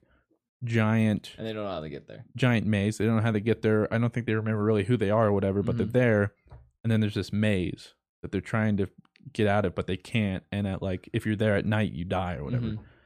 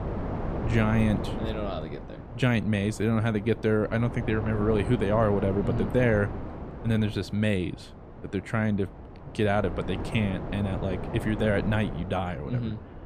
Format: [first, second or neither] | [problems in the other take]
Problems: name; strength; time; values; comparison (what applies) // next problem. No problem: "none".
first | wind noise on the microphone; heavy; 10 dB below the speech